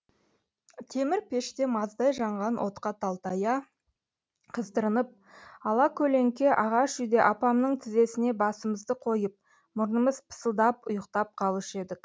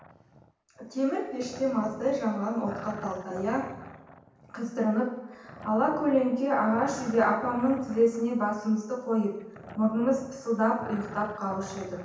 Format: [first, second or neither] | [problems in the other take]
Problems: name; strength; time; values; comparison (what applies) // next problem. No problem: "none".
first | background sound (Growling); 17 dB below the speech // room echo; dies away in 0.9 s